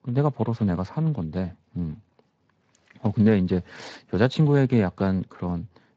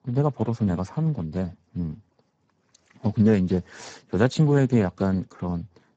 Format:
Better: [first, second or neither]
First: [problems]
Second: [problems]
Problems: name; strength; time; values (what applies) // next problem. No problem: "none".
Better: first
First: garbled, watery; slightly; nothing above 7.5 kHz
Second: garbled, watery; badly; nothing above 7.5 kHz